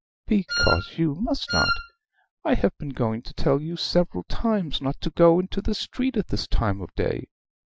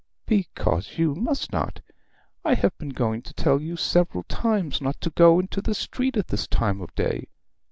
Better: second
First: noise reduction (classical method Wiener filter)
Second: none

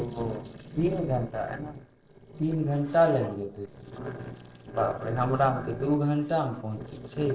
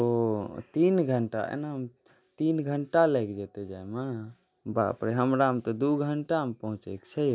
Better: second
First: noise reduction (neural separator model SepFormer DNS4)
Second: none

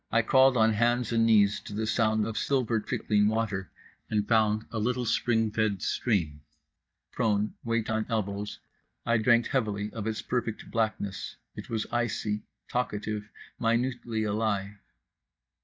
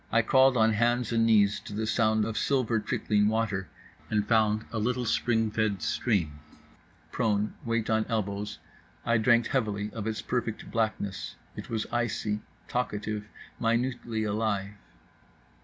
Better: second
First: noise reduction (neural mask model DeepFilterNet 3)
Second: none

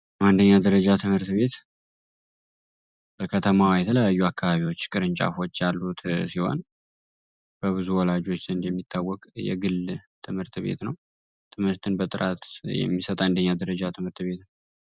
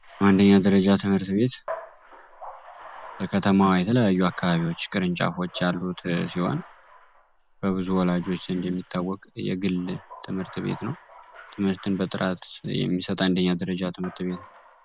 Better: first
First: none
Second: background sound (Bathtub (filling or washing)); 20 dB below the speech

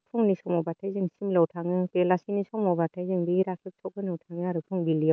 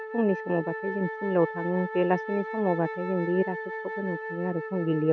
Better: first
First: none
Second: background sound (Wind instrument, woodwind instrument); 8 dB below the speech

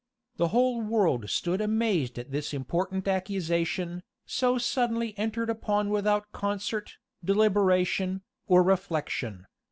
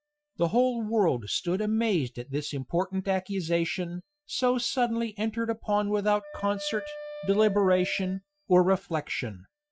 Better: first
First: none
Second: noise reduction (classical method Wiener filter)

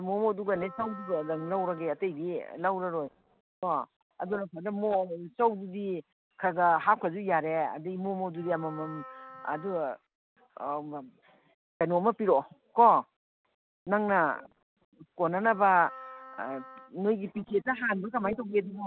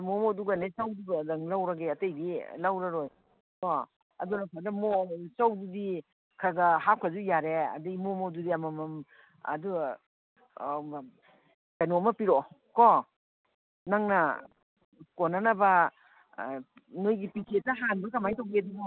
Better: second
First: background sound (Wind instrument, woodwind instrument); 17 dB below the speech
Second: none

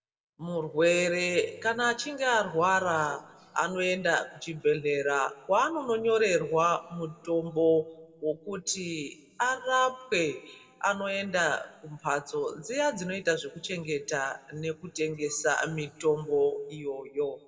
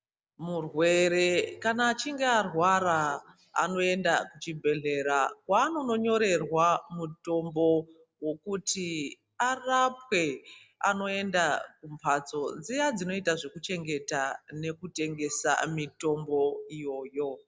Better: second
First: room echo; dies away in 1.5 s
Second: none

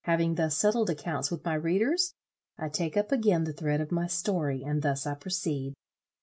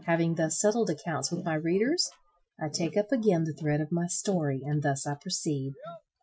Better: first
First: none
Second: noise reduction (classical method Wiener filter)

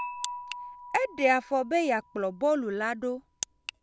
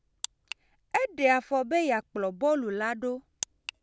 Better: second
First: background sound (Dishes, pots, and pans / Chink, clink); 15 dB below the speech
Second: none

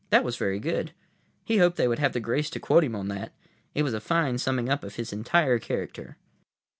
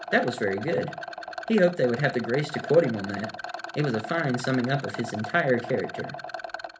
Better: first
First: none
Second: background sound (Rattle); 10 dB below the speech // room echo; dies away in 0.3 s

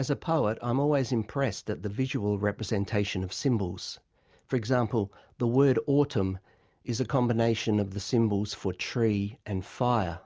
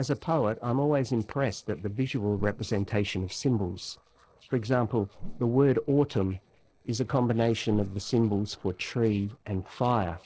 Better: first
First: none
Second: noise reduction (neural separator model SepFormer DNS4)

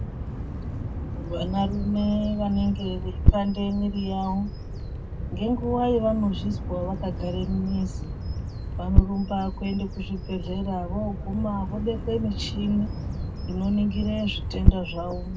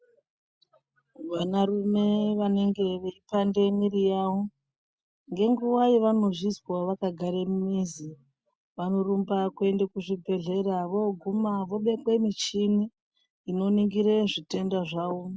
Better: second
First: background sound (Bird vocalization, bird call, bird song); as loud as the speech // room echo; dies away in 0.3 s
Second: none

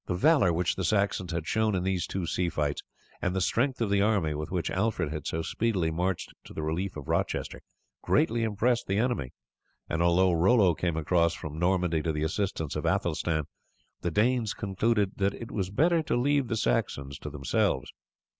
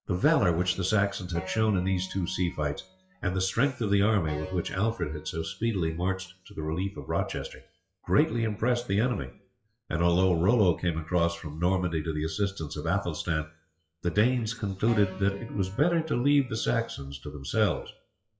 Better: first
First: none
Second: noise reduction (classical method WPE with log-MMSE)

